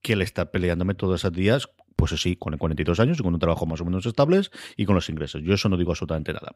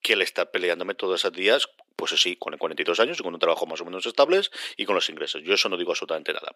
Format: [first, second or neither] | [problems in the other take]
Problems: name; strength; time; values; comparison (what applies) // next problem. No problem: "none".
first | thin; very; fading below 350 Hz